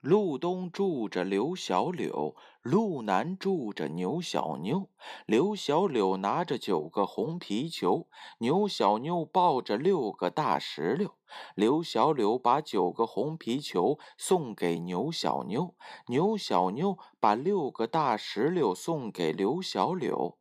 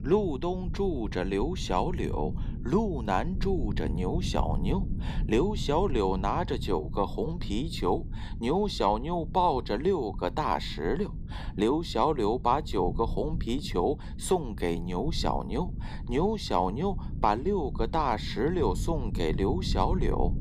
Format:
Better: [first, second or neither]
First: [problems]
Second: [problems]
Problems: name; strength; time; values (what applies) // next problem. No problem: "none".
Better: first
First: none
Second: low rumble; noticeable; throughout; 20 dB below the speech